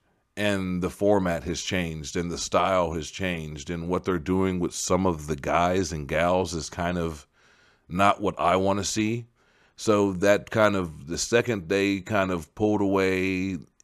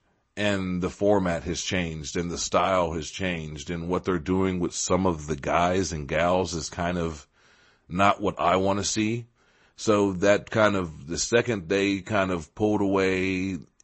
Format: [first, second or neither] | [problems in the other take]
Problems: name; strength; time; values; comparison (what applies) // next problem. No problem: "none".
first | garbled, watery; slightly; nothing above 8 kHz